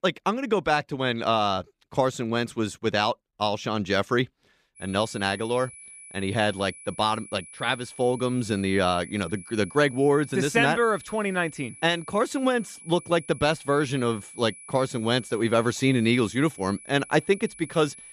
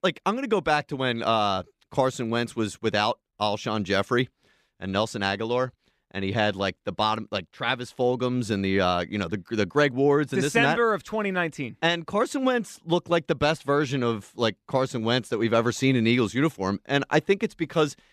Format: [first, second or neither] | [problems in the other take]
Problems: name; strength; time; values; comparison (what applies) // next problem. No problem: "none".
second | high-pitched whine; noticeable; from 5 s on; 10 kHz, 20 dB below the speech